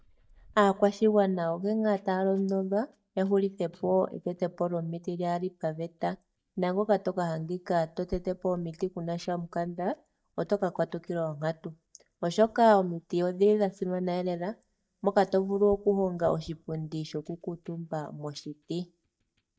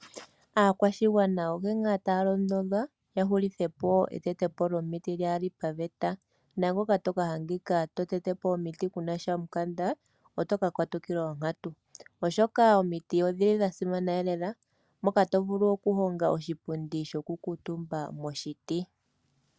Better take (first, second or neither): second